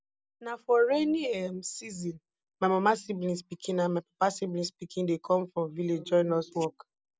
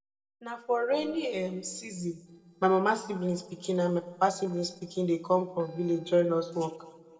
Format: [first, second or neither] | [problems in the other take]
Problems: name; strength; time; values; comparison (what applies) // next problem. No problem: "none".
first | noise reduction (neural separator model SepFormer DNS4)